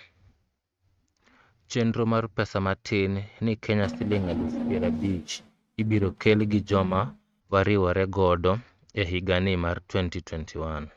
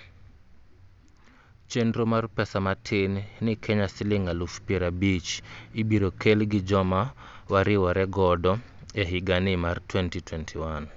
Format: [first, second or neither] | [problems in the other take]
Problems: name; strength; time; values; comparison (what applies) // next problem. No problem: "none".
second | noise reduction (neural mask model RNNoise)